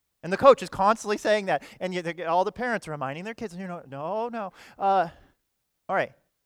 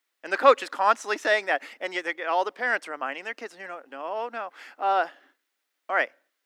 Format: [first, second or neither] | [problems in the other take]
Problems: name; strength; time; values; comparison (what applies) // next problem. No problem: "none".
first | thin; somewhat; fading below 250 Hz